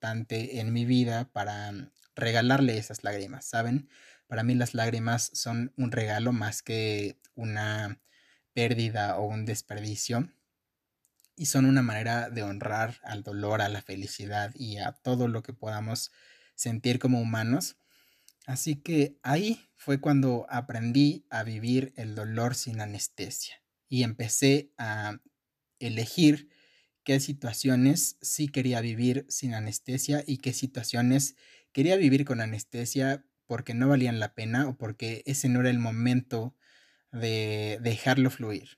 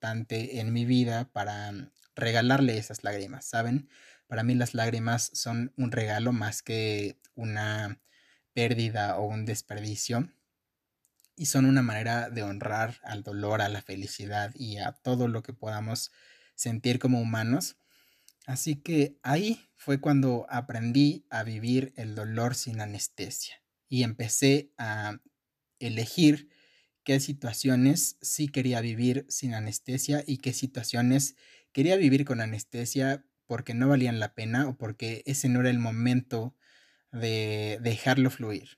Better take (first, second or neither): neither